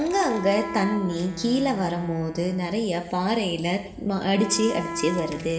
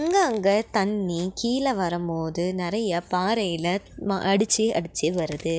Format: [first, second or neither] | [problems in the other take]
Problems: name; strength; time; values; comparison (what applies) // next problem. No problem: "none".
second | background sound (Wind instrument, woodwind instrument); 11 dB below the speech // room echo; dies away in 1.8 s